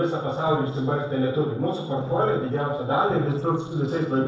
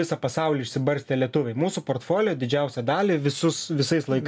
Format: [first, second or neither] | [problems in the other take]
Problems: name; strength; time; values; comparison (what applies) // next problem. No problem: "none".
second | noise reduction (neural separator model SepFormer DNS4)